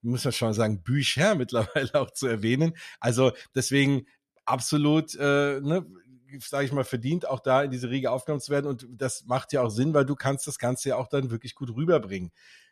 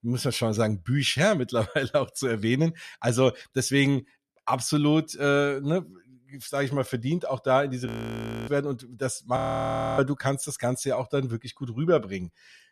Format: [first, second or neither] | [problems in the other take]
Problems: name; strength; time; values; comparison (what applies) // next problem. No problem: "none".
first | audio freezing; at 8 s for 0.5 s and at 9.5 s for 0.5 s